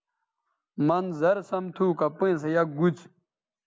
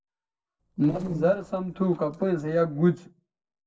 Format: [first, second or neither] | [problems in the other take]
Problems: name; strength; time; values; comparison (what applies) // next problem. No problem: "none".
first | noise reduction (neural separator model SepFormer DNS4)